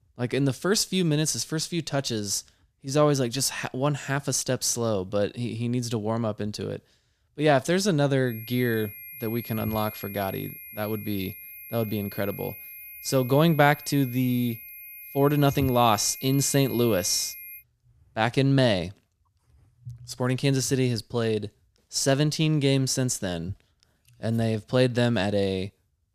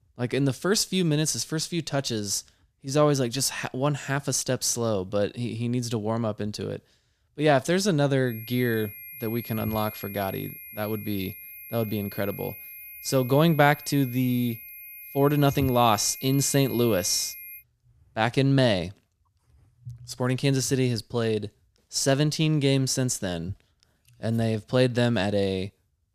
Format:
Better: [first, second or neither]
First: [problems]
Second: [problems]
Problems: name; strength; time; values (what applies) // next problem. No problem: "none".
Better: neither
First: high-pitched whine; noticeable; from 8.5 to 18 s; 11.5 kHz, 15 dB below the speech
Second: high-pitched whine; noticeable; from 8.5 to 18 s; 11.5 kHz, 15 dB below the speech